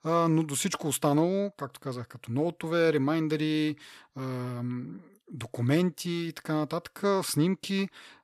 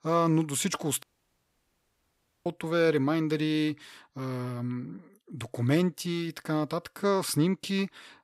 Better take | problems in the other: first | audio cutting out; at 1 s for 1.5 s

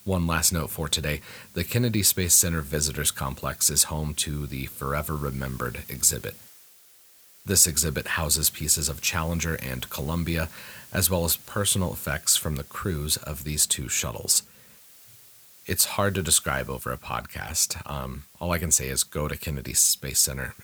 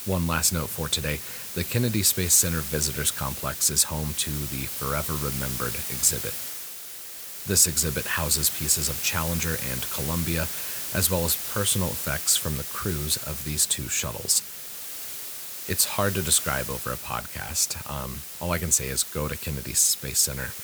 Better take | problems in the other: first | hiss; loud; throughout; 6 dB below the speech; faint in the first

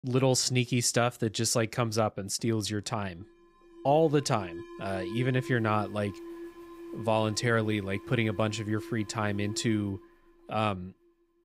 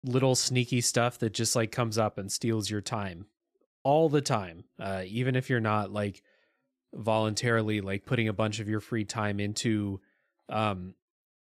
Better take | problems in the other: second | alarm; noticeable; from 2.5 to 10 s; peak 9 dB below the speech

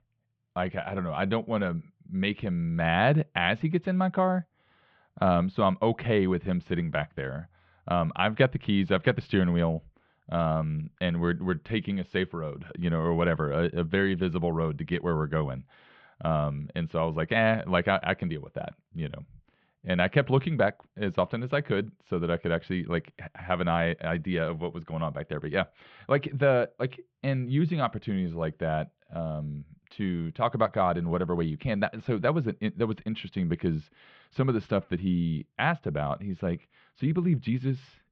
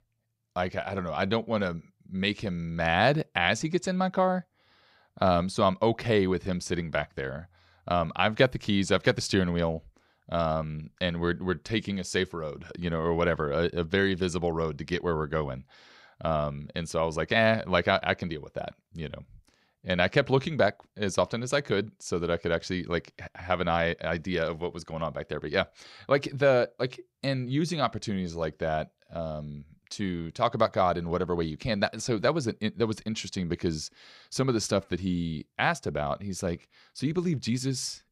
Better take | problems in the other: second | muffled; very; fading above 3 kHz

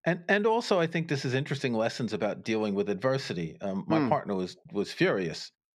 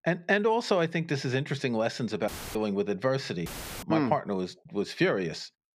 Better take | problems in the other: first | audio cutting out; filled with static; at 2.5 s and at 3.5 s

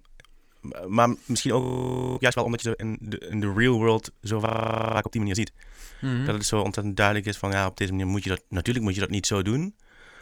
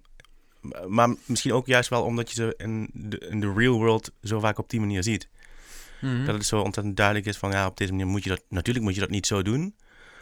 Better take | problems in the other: second | audio freezing; at 1.5 s for 0.5 s and at 4.5 s for 0.5 s

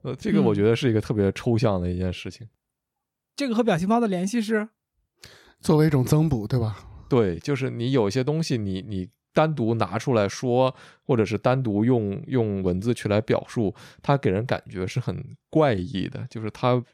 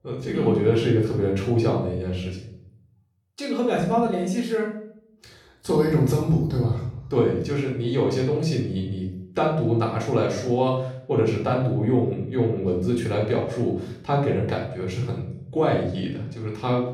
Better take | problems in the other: first | off-mic speech; far // room echo; noticeable; dies away in 0.6 s

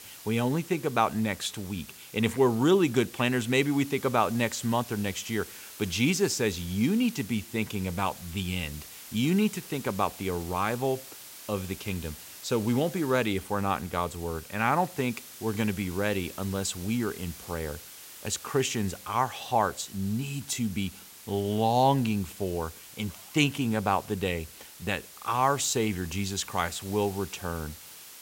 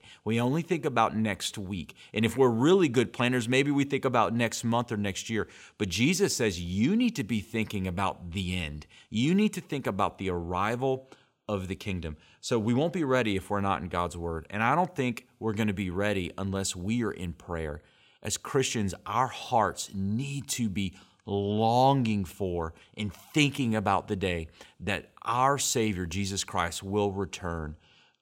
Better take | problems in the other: second | hiss; noticeable; throughout; 15 dB below the speech

